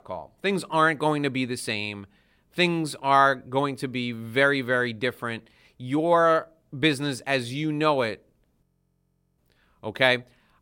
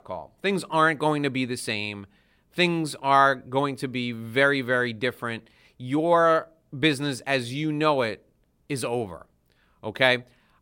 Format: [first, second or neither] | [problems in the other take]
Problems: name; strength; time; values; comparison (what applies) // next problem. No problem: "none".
second | audio freezing; at 8.5 s for 1 s